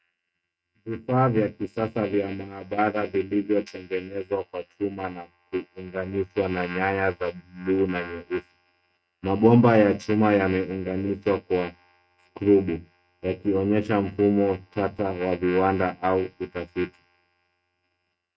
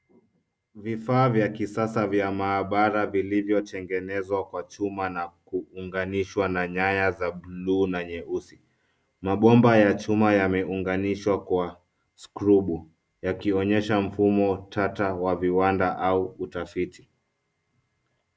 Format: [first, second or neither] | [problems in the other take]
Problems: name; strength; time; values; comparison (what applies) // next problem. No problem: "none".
second | noise reduction (neural mask model RNNoise)